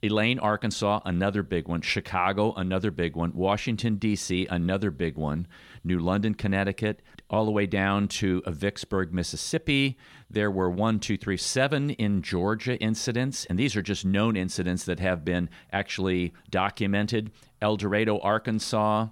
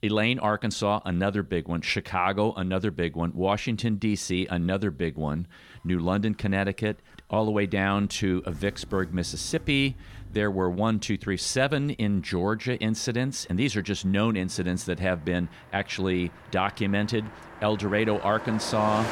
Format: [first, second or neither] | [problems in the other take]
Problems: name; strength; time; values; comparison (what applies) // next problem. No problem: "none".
first | traffic noise; noticeable; throughout; 15 dB below the speech